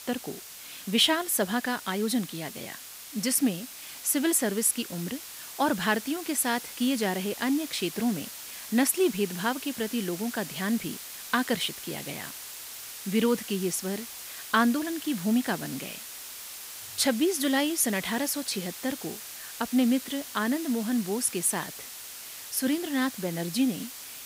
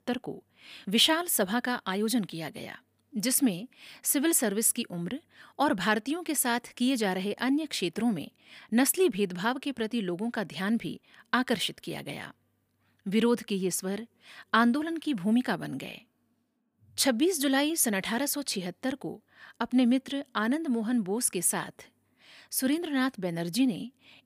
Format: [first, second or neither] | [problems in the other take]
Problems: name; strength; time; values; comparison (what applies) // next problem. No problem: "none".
second | hiss; noticeable; throughout; 10 dB below the speech